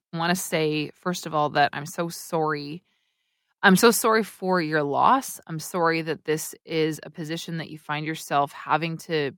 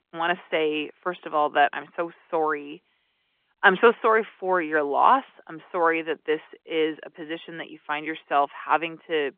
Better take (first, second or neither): first